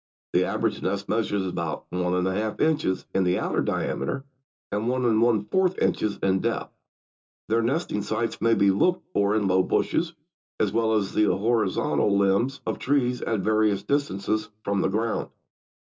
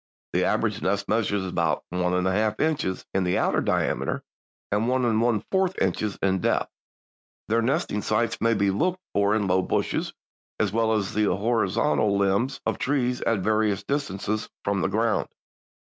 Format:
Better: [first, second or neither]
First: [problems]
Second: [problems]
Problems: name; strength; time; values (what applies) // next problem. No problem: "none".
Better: second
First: room echo; dies away in 0.2 s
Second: none